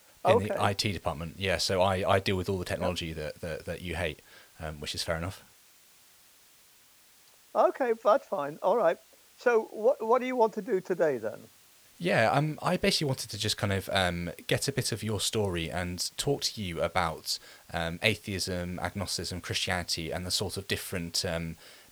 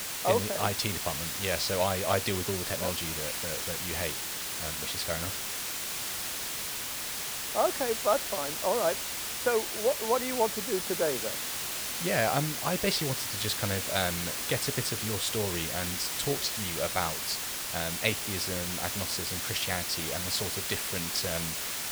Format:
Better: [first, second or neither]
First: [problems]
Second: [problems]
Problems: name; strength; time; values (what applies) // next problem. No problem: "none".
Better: first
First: hiss; faint; throughout; 25 dB below the speech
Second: hiss; loud; throughout; as loud as the speech